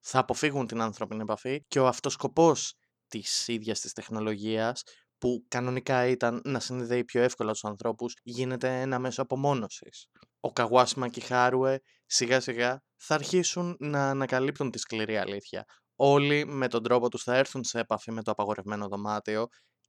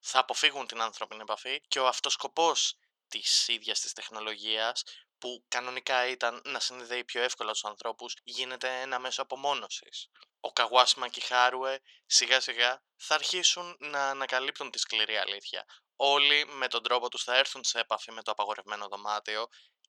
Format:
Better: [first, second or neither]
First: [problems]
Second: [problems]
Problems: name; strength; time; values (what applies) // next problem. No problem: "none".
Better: first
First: none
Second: thin; very; fading below 800 Hz